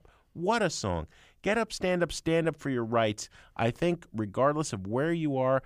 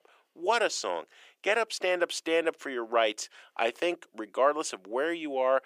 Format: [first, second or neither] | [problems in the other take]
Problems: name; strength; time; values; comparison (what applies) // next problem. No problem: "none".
first | thin; very; fading below 350 Hz